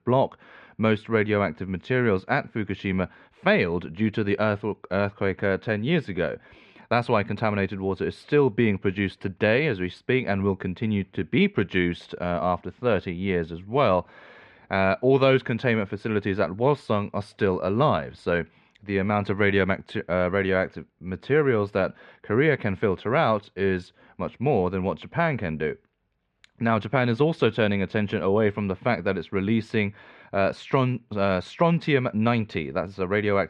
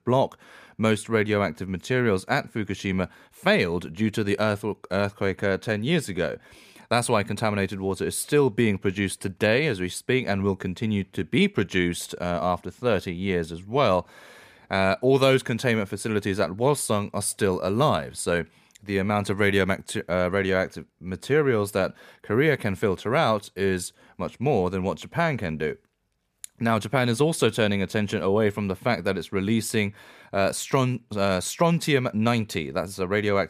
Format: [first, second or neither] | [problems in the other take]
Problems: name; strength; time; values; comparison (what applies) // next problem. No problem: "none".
second | muffled; slightly; fading above 3 kHz